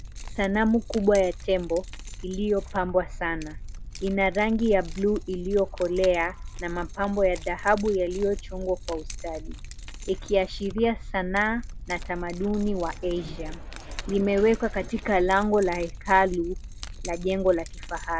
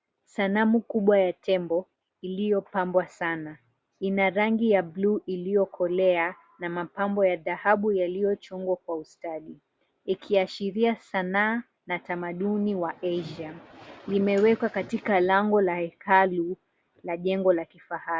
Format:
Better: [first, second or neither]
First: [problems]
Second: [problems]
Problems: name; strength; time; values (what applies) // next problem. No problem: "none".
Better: second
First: background sound (Keys jangling); 10 dB below the speech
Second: none